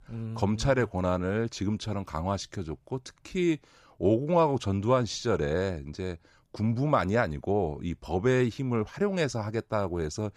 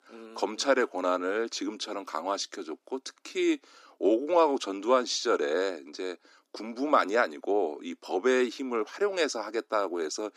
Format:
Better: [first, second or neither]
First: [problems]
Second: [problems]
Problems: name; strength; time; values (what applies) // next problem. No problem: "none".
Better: first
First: none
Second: thin; somewhat; fading below 250 Hz